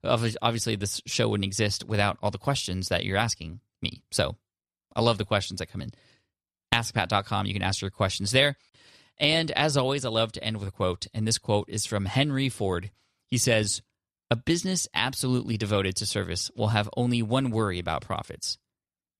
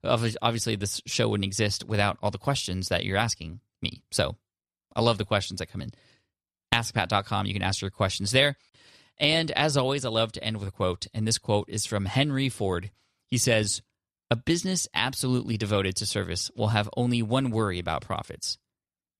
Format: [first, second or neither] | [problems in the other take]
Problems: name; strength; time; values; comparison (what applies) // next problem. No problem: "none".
neither | none